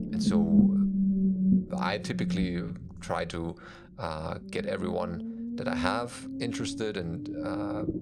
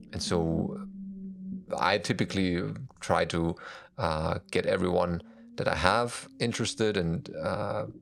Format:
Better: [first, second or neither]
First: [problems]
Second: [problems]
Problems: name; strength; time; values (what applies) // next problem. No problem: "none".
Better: second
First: low rumble; loud; throughout; 2 dB below the speech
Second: low rumble; faint; throughout; 20 dB below the speech